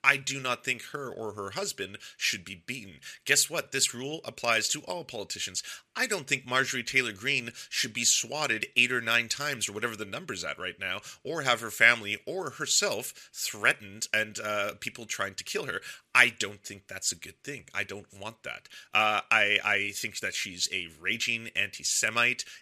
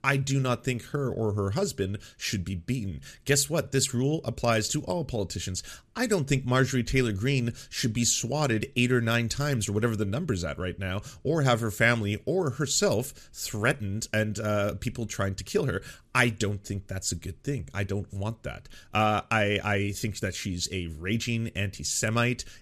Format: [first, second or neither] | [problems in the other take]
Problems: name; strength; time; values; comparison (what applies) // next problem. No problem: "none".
second | thin; somewhat; fading below 1 kHz